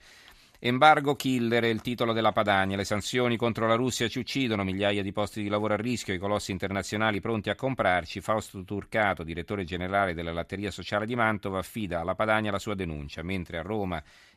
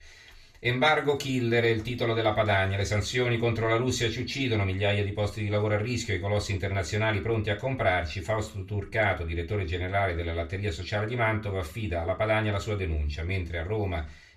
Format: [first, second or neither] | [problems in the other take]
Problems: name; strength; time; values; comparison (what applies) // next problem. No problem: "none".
first | room echo; very slight; dies away in 0.3 s // off-mic speech; far